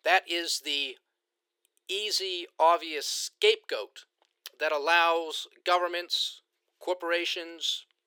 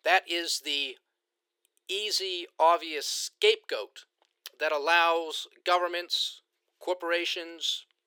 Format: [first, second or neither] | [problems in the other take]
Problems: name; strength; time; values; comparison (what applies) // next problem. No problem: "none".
neither | thin; very; fading below 400 Hz; the same in both